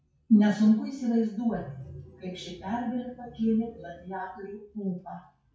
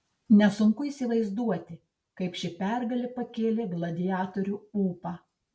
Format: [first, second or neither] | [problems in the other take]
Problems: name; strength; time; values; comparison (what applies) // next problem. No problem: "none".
second | noise reduction (classical method WPE with log-MMSE)